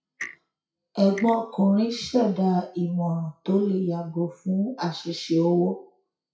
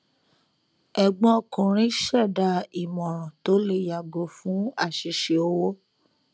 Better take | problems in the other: second | noise reduction (classical method WPE with log-MMSE)

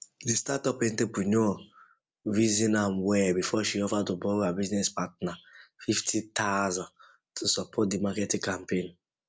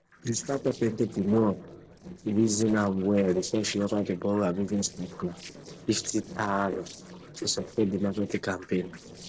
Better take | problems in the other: first | noise reduction (neural separator model SepFormer DNS4)

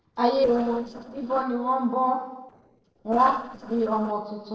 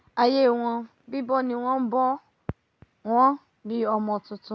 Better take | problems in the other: second | noise reduction (neural separator model SepFormer DNS4)

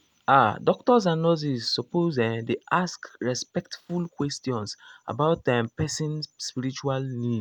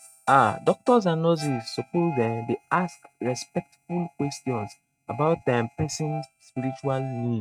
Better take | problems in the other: first | noise reduction (neural mask model RNNoise)

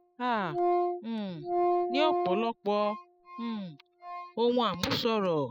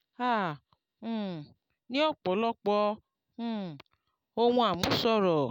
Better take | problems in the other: second | noise reduction (classical method spectral subtraction)

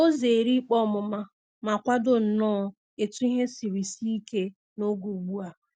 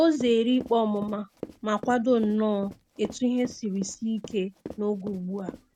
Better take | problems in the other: first | background sound (Run); 16 dB below the speech

